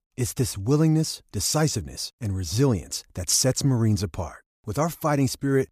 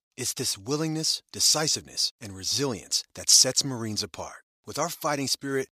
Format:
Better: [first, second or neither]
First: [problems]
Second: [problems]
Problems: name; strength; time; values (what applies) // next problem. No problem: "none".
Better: first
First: none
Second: thin; somewhat; fading below 950 Hz